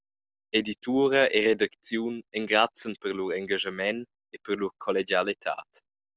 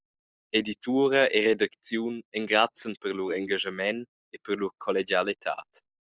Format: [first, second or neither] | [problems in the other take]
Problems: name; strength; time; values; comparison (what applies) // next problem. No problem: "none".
first | noise reduction (neural mask model Resemble Enhance denoiser)